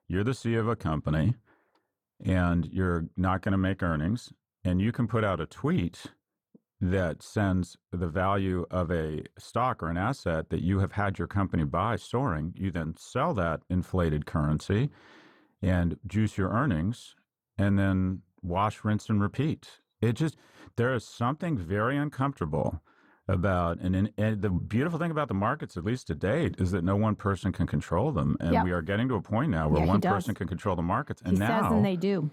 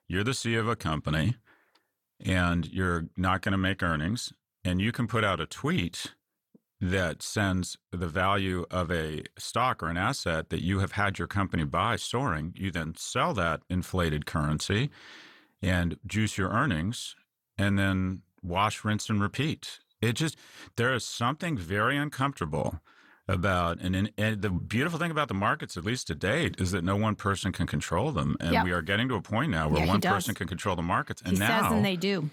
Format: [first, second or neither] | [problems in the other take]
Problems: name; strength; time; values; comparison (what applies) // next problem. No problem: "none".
second | muffled; slightly; fading above 1.5 kHz